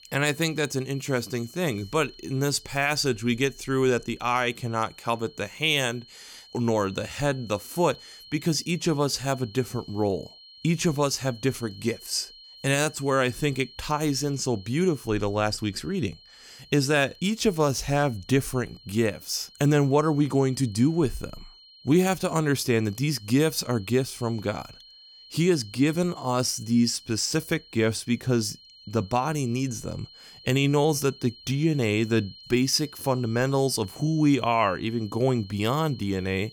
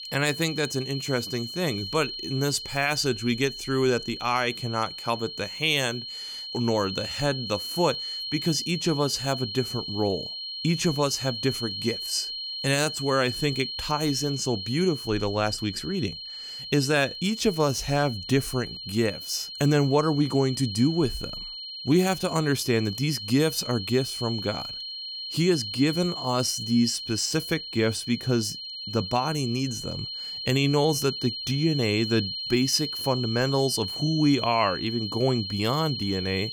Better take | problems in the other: first | high-pitched whine; loud; throughout; 4 kHz, 7 dB below the speech; faint in the first

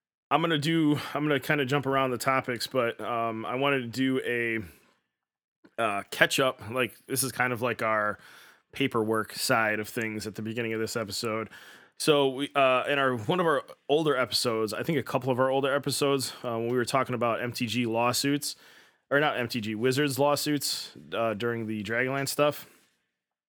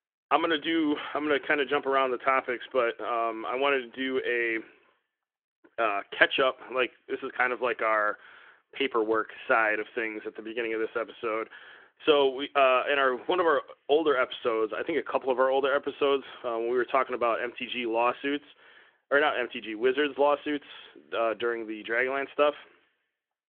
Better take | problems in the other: first | phone-call audio; nothing above 3.5 kHz

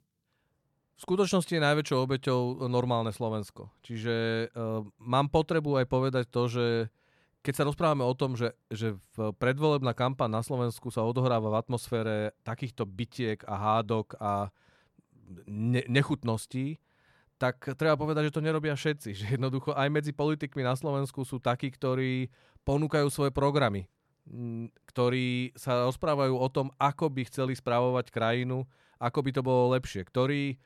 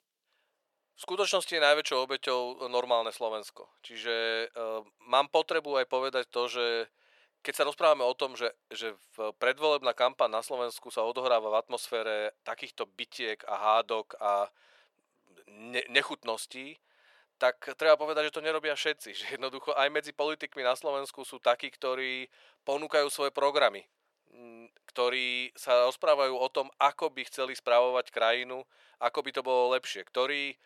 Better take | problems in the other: first | thin; very; fading below 450 Hz

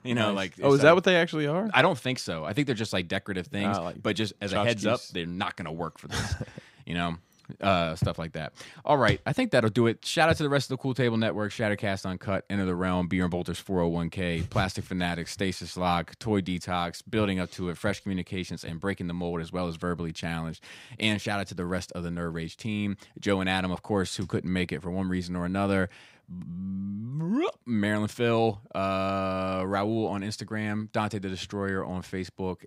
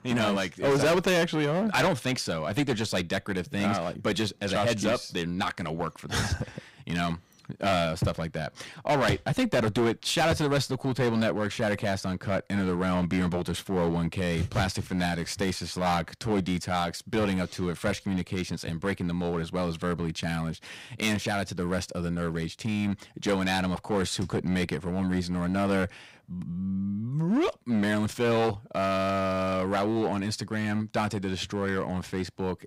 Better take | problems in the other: first | distortion; heavy; 8% of the sound clipped

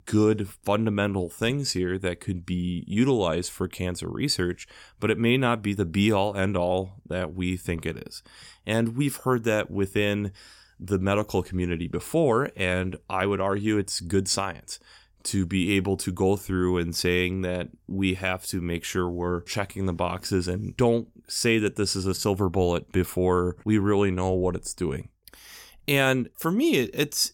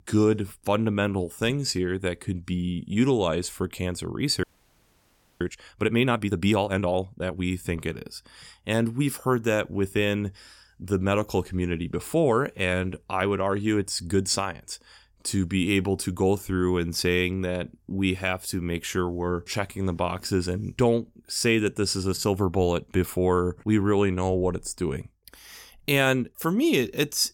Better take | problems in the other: first | audio freezing; at 4.5 s for 1 s

